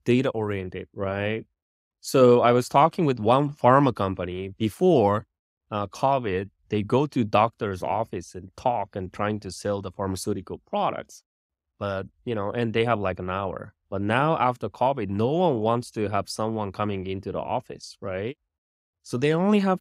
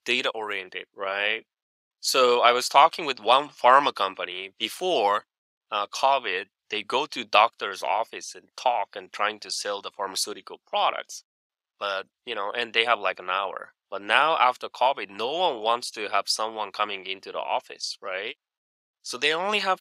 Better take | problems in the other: first | thin; very; fading below 750 Hz

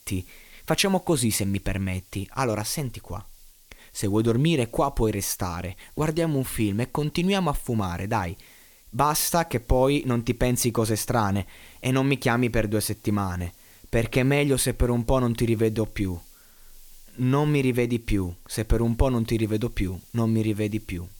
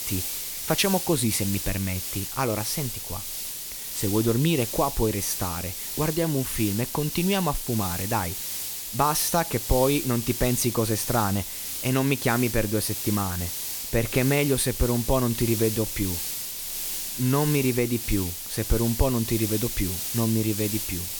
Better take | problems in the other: first | hiss; loud; throughout; 4 dB below the speech; faint in the first

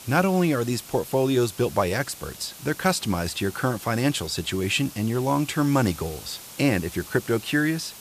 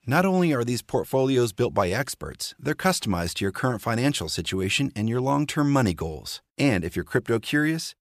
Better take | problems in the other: second | hiss; noticeable; throughout; 15 dB below the speech

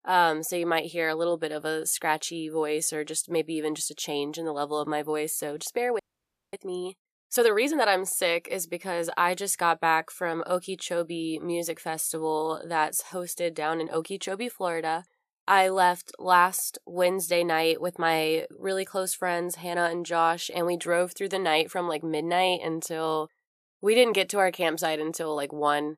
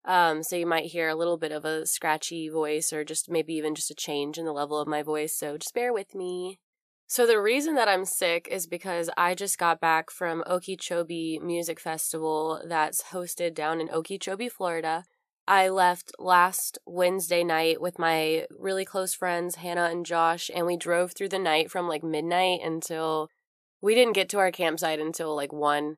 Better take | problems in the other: second | audio freezing; at 6 s for 0.5 s

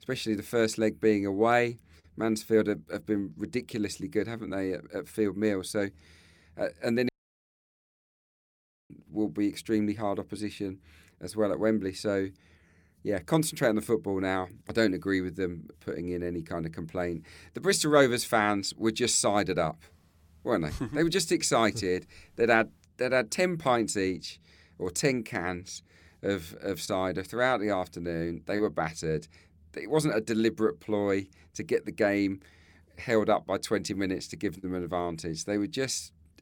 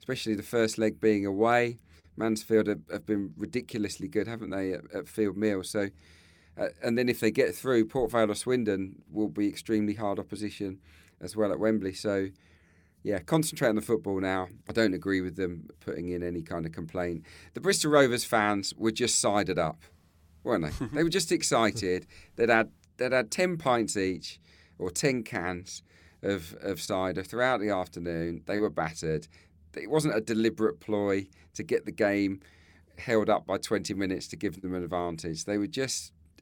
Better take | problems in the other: second | audio cutting out; at 7 s for 2 s

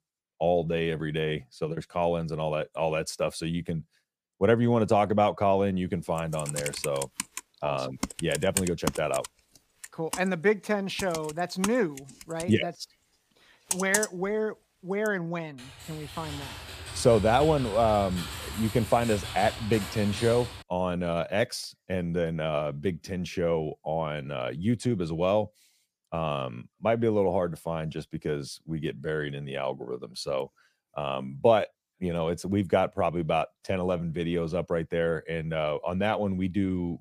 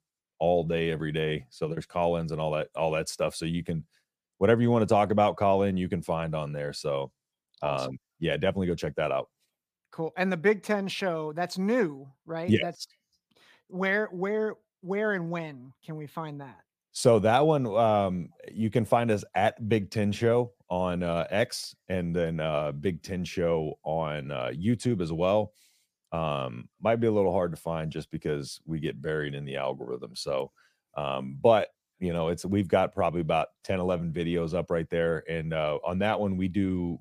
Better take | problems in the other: second | keyboard typing; loud; from 6.5 to 14 s; peak level with the speech // keyboard typing; noticeable; from 16 to 21 s; peak 7 dB below the speech

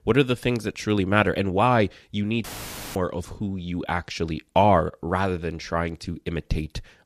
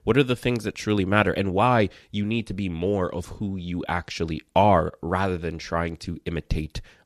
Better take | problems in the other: second | audio cutting out; filled with static; at 2.5 s for 0.5 s

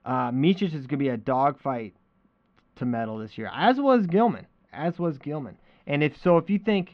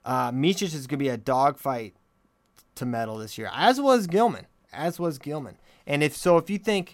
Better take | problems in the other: second | muffled; slightly; fading above 3 kHz

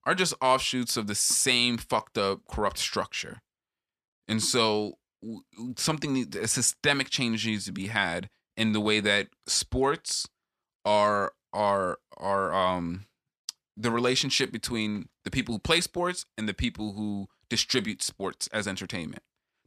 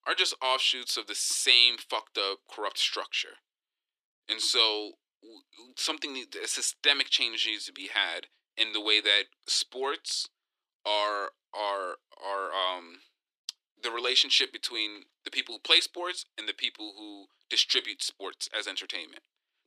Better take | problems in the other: first | thin; very; fading below 300 Hz

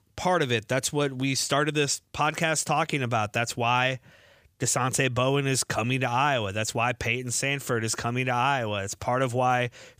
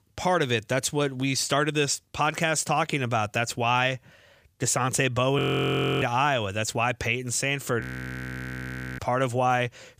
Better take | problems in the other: first | audio freezing; at 5.5 s for 0.5 s and at 8 s for 1 s

